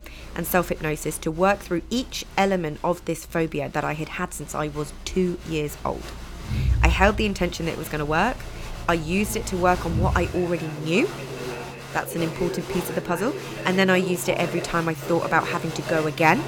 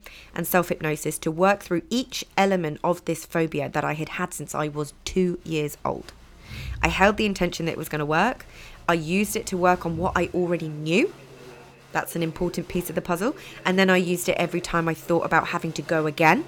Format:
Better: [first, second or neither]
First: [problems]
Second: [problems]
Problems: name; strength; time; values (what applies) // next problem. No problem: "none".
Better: second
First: crowd noise; loud; throughout; 7 dB below the speech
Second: crowd noise; faint; throughout; 20 dB below the speech